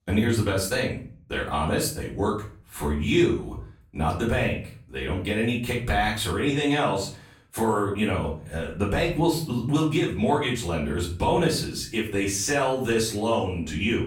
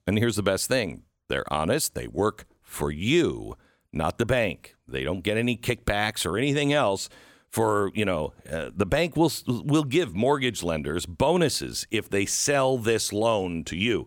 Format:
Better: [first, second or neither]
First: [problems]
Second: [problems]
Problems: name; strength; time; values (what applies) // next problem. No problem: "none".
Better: second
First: off-mic speech; far // room echo; slight; dies away in 0.5 s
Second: none